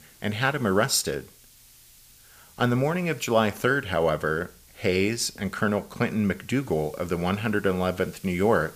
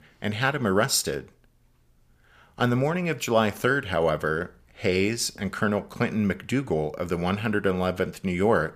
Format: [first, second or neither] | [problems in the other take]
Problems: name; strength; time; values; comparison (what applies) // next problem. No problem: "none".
second | hiss; faint; throughout; 25 dB below the speech